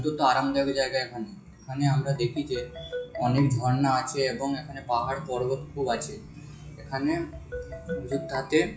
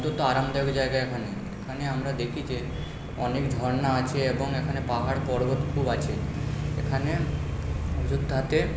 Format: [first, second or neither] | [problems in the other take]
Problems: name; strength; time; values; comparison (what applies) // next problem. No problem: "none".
second | noise reduction (classical method WPE with log-MMSE)